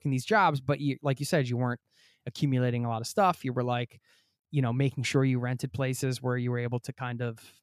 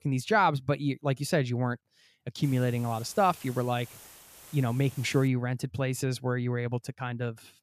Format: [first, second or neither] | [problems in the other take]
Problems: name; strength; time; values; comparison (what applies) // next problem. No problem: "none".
first | hiss; noticeable; from 2.5 to 5.5 s; 20 dB below the speech